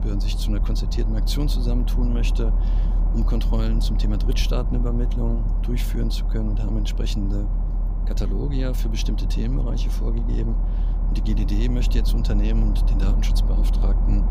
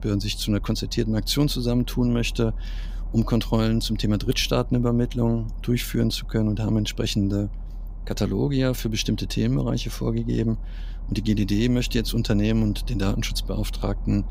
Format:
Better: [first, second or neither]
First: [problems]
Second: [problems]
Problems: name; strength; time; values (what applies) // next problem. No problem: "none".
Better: second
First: low rumble; loud; throughout; 7 dB below the speech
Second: low rumble; faint; throughout; 25 dB below the speech